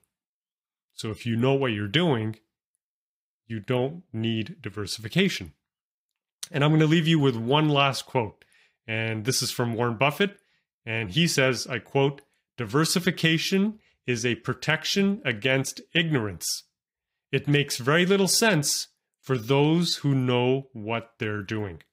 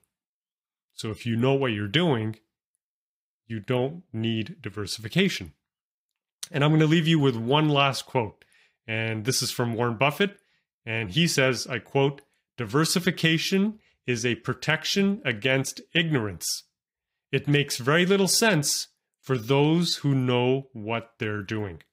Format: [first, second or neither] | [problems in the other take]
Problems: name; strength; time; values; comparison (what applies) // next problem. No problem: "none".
neither | none